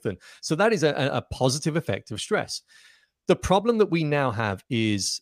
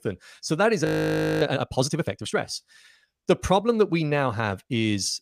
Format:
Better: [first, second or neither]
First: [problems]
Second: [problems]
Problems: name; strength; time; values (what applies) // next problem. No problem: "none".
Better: first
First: none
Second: audio freezing; at 1 s for 0.5 s